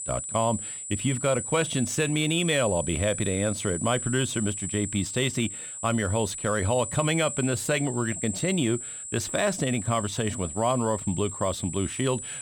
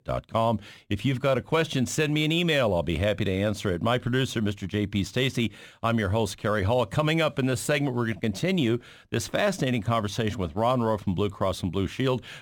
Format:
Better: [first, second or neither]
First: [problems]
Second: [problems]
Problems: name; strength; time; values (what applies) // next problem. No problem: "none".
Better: second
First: high-pitched whine; loud; throughout; 8 kHz, 6 dB below the speech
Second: none